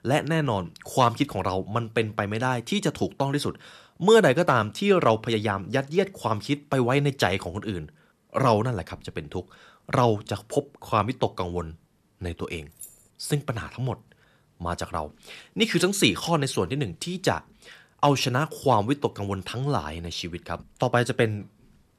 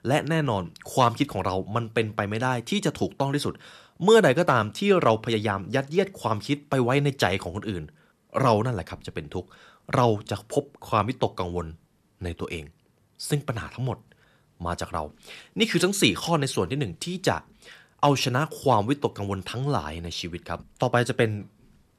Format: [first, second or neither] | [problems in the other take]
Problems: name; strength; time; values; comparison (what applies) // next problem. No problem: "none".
second | jangling keys; faint; at 13 s; peak 20 dB below the speech